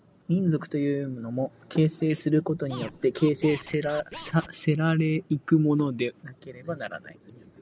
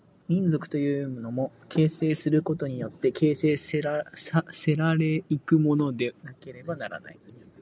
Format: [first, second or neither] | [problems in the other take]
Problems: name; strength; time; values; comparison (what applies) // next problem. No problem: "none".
second | background sound (Scratching (performance technique)); 17 dB below the speech